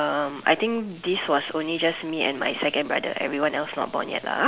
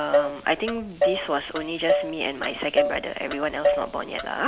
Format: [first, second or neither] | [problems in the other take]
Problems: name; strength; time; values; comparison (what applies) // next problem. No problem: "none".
first | background sound (Motor vehicle (road)); 1 dB above the speech